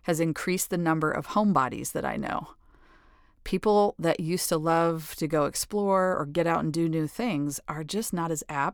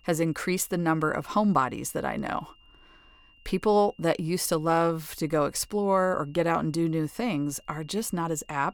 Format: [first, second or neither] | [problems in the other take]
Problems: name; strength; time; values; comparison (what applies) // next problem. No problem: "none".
first | high-pitched whine; faint; throughout; 3 kHz, 30 dB below the speech